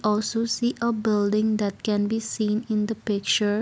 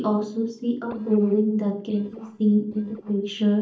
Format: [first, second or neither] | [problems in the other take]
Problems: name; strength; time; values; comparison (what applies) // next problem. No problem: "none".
first | noise reduction (neural mask model DeepFilterNet 3)